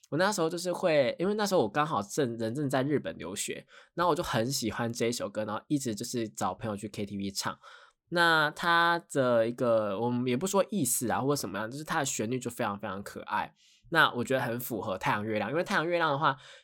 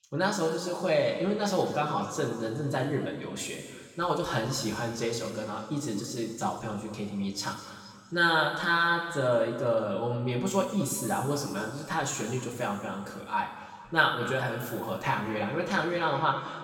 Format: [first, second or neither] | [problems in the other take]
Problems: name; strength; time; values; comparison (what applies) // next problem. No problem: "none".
first | room echo; noticeable; dies away in 2 s // off-mic speech; far